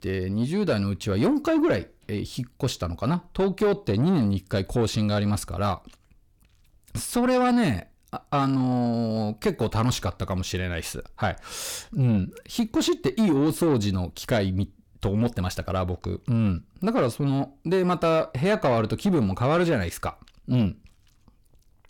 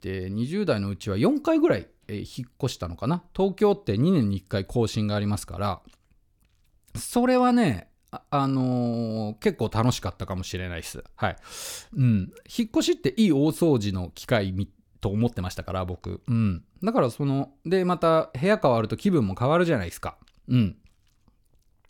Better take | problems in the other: second | distortion; slight; 10 dB below the speech

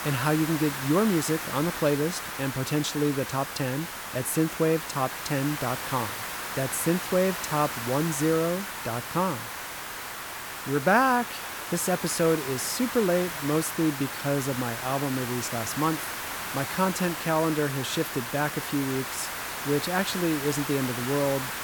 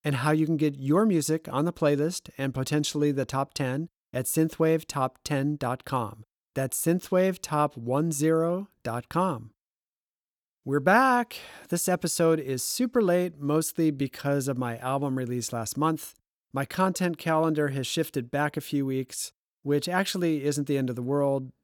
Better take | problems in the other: second | hiss; loud; throughout; 5 dB below the speech

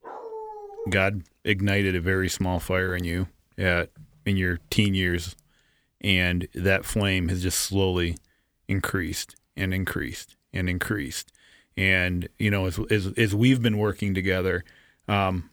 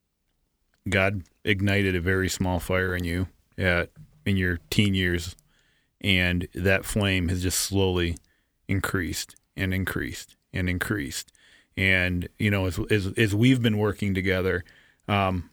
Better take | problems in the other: second | dog barking; faint; at the start; peak 10 dB below the speech

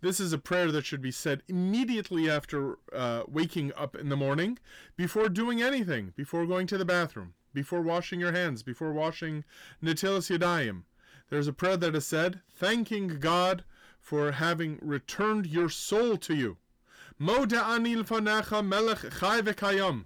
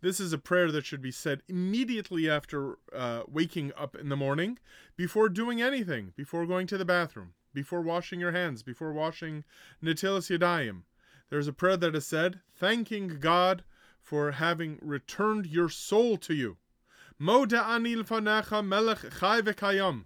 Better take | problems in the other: second | distortion; slight; 10 dB below the speech

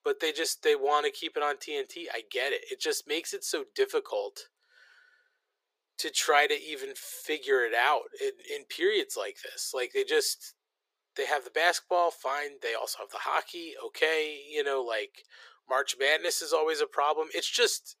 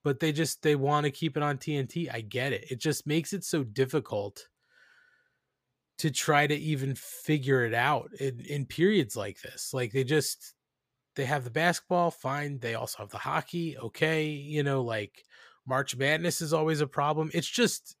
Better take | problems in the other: second | thin; very; fading below 400 Hz

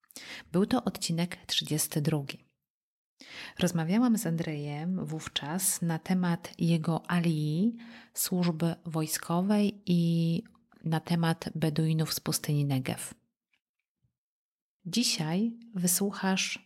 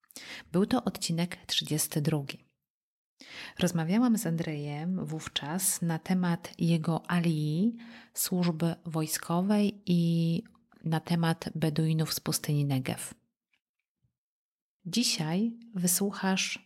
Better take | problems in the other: neither | none

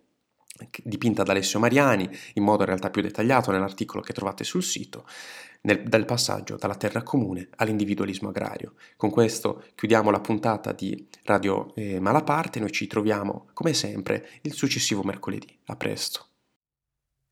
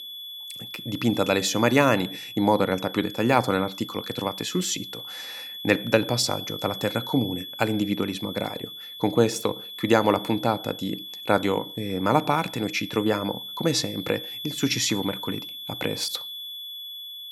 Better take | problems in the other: first | high-pitched whine; loud; throughout; 3.5 kHz, 10 dB below the speech

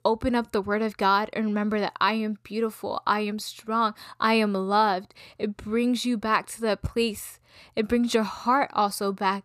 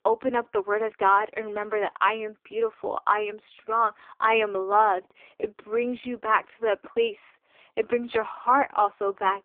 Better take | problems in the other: first | phone-call audio; poor line

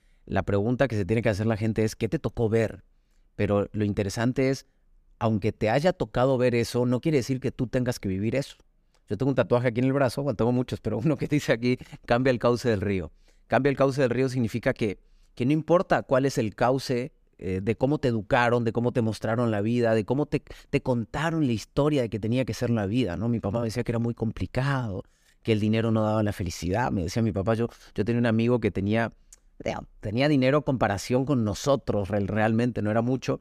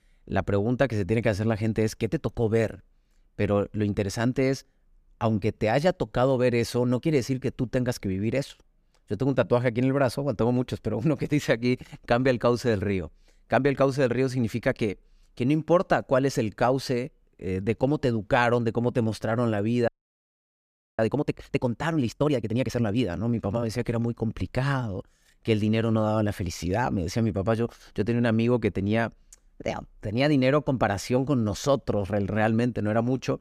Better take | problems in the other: first | audio freezing; at 20 s for 1 s

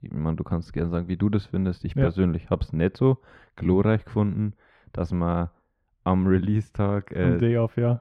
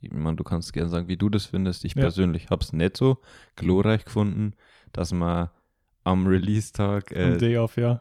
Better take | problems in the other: second | muffled; slightly; fading above 3.5 kHz

